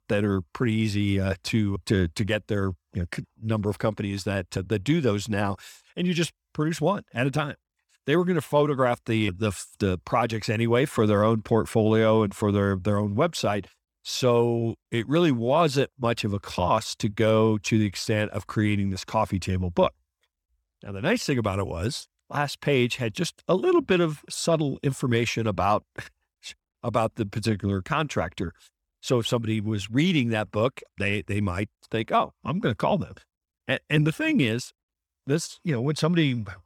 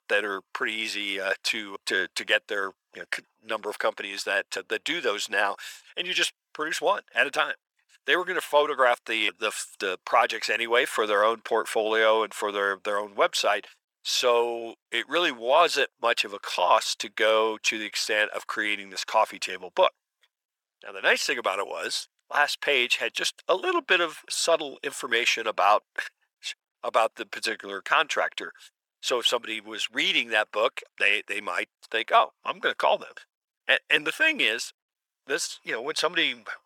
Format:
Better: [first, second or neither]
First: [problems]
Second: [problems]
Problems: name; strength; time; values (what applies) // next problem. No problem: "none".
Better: first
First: none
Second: thin; very; fading below 550 Hz